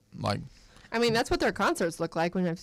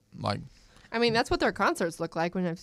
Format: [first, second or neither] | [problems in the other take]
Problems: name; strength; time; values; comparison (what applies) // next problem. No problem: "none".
second | distortion; slight; 4% of the sound clipped